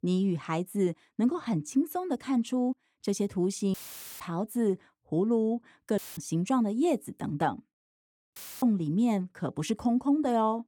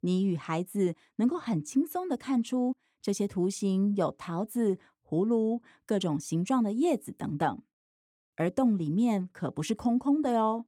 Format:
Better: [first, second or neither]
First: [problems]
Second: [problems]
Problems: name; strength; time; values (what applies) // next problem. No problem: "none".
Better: second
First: audio cutting out; filled with static; at 3.5 s, at 6 s and at 8.5 s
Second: none